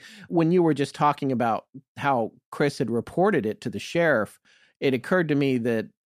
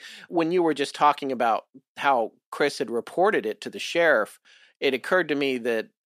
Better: first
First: none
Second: thin; somewhat; fading below 400 Hz

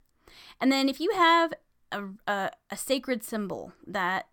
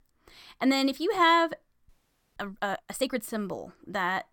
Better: first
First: none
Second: audio freezing; at 2 s

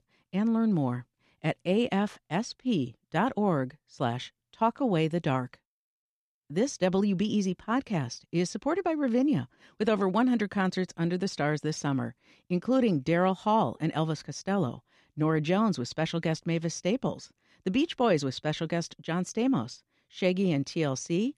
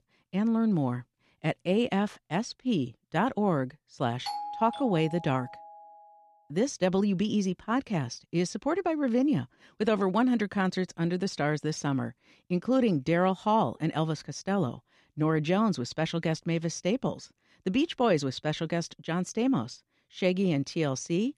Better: first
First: none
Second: doorbell; noticeable; from 4.5 to 6 s; peak 7 dB below the speech

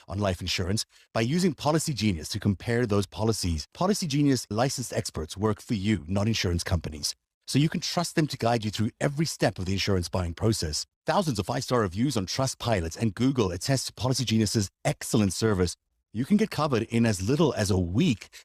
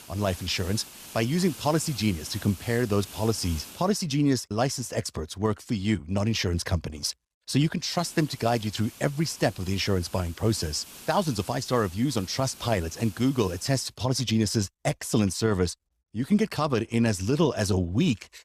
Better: first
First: none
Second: hiss; noticeable; until 4 s and from 8 to 14 s; 15 dB below the speech

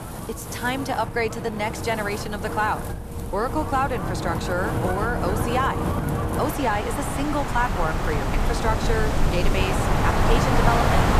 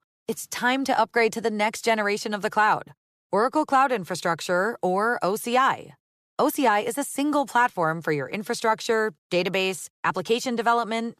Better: second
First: wind in the background; very loud; throughout; 1 dB above the speech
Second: none

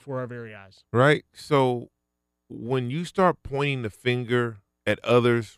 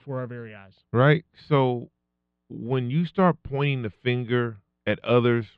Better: first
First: none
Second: muffled; slightly; fading above 3.5 kHz

